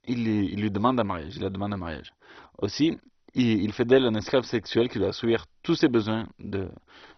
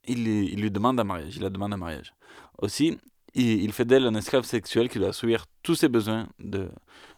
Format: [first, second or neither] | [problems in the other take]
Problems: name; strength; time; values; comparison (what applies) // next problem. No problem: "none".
second | garbled, watery; badly; nothing above 6 kHz